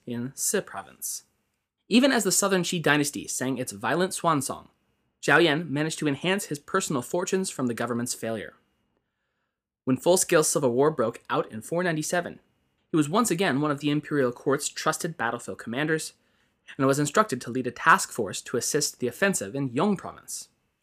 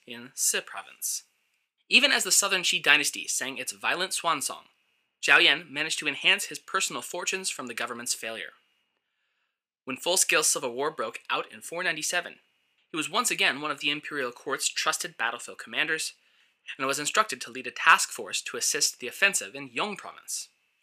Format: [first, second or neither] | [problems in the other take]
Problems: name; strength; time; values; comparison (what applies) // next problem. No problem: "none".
first | thin; somewhat; fading below 1 kHz